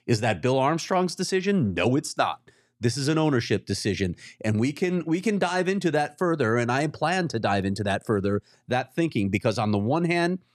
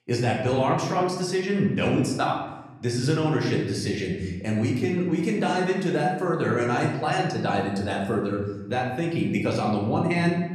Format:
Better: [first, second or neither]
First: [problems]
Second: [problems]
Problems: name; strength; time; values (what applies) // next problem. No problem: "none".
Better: first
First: none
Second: room echo; noticeable; dies away in 1 s // off-mic speech; far